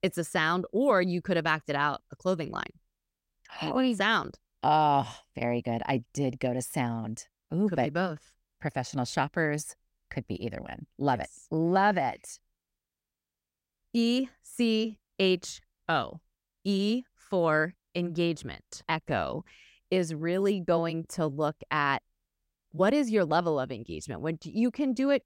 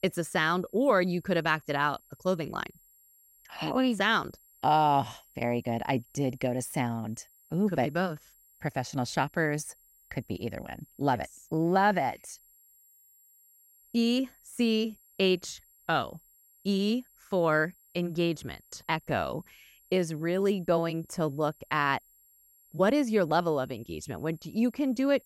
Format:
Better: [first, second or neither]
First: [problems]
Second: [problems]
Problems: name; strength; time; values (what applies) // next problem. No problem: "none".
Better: first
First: none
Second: high-pitched whine; faint; throughout; 11.5 kHz, 30 dB below the speech